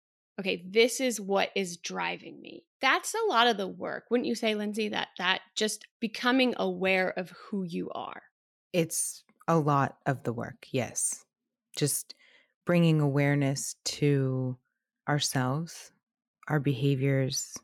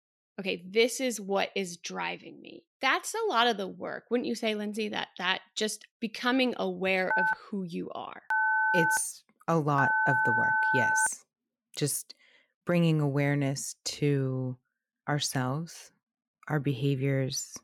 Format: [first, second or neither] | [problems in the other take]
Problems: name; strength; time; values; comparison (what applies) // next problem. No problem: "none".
first | phone ringing; loud; from 7 to 11 s; peak 5 dB above the speech